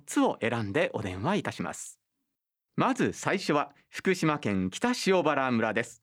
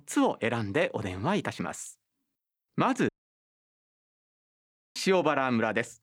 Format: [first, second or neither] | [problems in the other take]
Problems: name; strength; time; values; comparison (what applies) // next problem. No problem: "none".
first | audio cutting out; at 3 s for 2 s